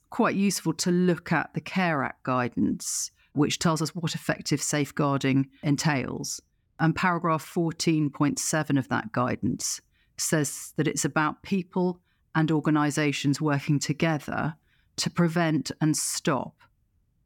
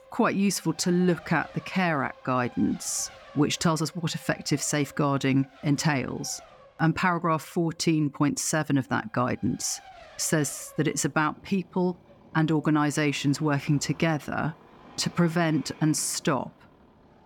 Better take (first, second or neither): first